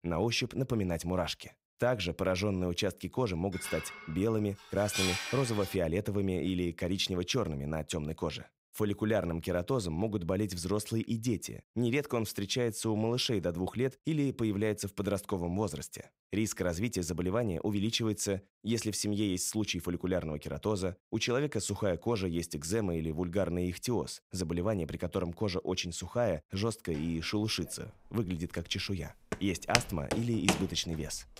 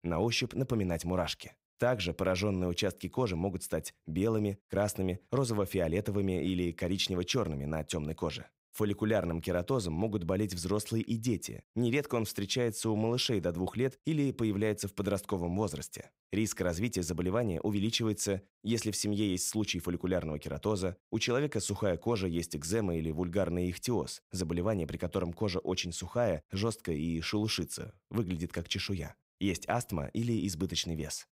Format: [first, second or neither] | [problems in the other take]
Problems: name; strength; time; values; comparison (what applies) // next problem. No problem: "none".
second | clattering dishes; loud; from 3.5 to 6 s; peak 2 dB above the speech // footsteps; loud; from 29 to 31 s; peak 3 dB above the speech